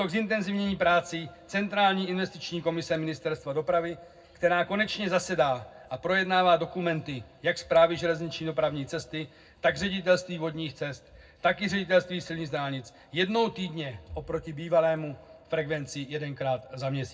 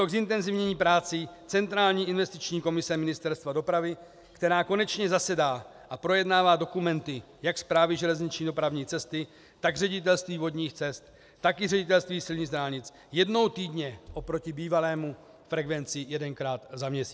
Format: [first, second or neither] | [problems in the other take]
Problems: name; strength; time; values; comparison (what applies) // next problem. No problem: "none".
second | room echo; dies away in 0.3 s